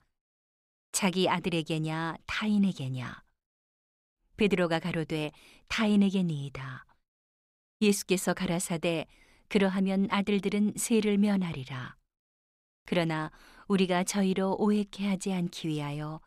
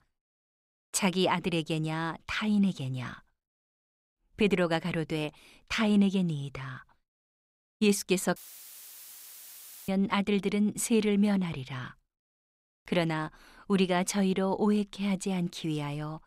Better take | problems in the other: first | audio cutting out; filled with static; at 8.5 s for 1.5 s

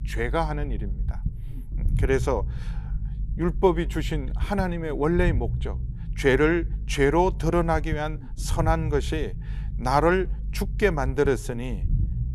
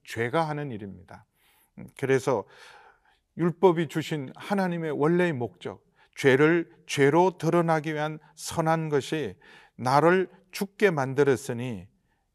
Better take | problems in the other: second | low rumble; faint; throughout; 20 dB below the speech

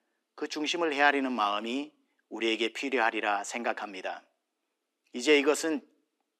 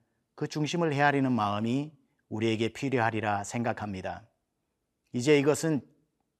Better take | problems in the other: second | thin; very slightly; fading below 250 Hz

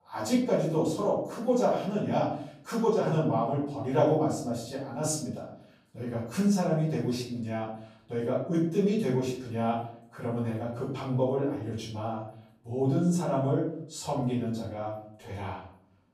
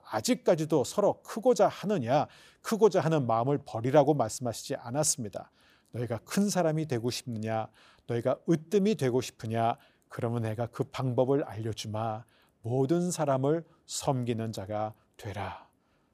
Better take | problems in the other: second | off-mic speech; far // room echo; noticeable; dies away in 0.6 s

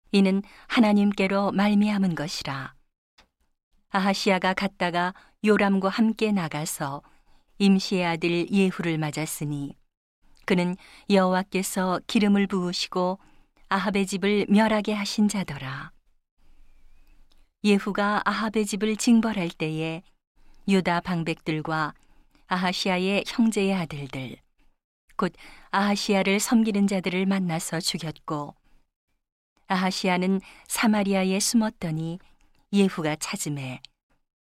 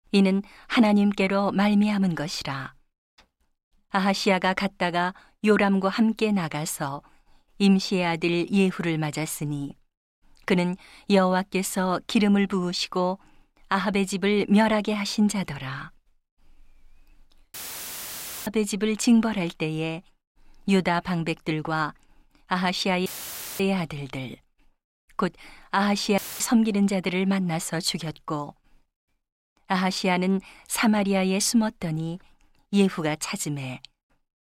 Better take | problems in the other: first | audio cutting out; filled with static; at 18 s for 1 s, at 23 s for 0.5 s and at 26 s

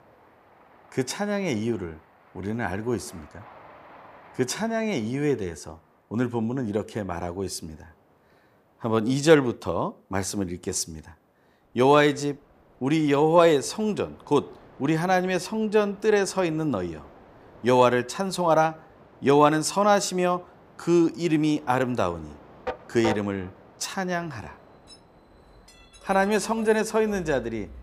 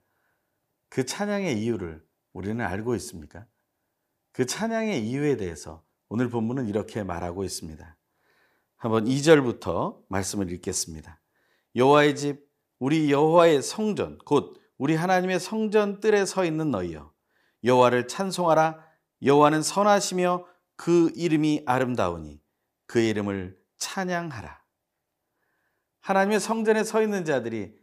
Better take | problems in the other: second | train or aircraft noise; faint; throughout; 20 dB below the speech

